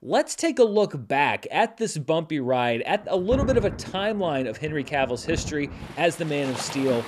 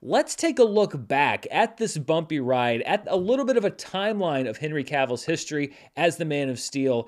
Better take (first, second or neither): second